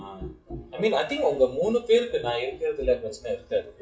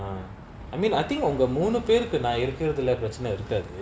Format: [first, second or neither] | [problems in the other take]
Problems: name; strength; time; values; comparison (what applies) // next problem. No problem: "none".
second | noise reduction (classical method WPE with log-MMSE)